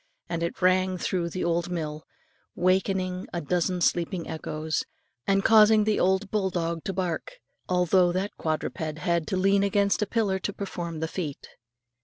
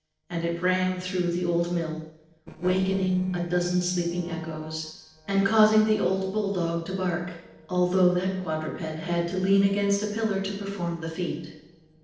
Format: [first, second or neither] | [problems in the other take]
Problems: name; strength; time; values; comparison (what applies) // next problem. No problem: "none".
first | noise reduction (neural separator model SepFormer DNS4)